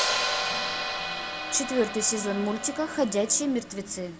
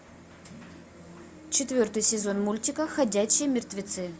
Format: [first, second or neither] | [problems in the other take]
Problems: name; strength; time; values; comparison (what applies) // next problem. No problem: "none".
second | background sound (Hi-hat); 3 dB below the speech